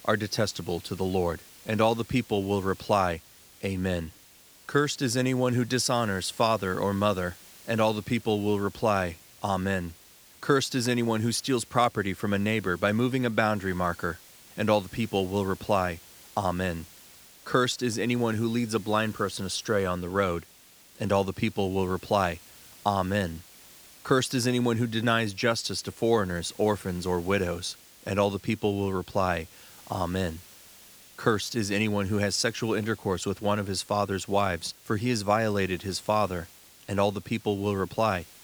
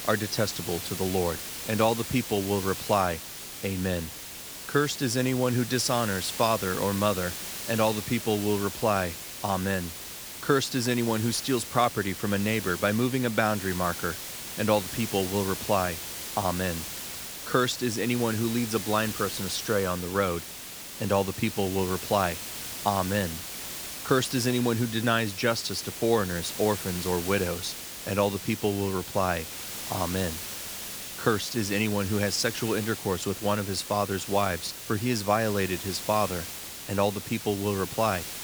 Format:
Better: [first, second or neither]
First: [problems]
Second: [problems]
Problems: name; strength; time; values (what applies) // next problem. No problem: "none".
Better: first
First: hiss; faint; throughout; 20 dB below the speech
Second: hiss; loud; throughout; 7 dB below the speech